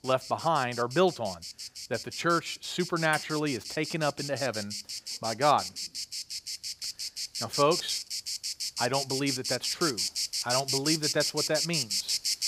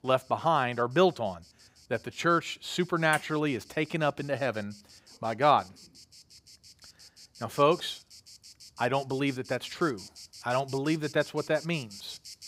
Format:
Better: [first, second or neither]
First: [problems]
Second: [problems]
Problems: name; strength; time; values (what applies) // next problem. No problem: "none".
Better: second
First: animal sounds; loud; throughout; 3 dB below the speech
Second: animal sounds; faint; throughout; 20 dB below the speech